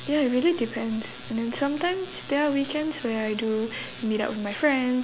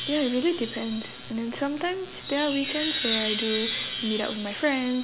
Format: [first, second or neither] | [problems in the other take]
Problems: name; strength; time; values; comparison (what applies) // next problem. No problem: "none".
first | background sound (Wind chime); 5 dB below the speech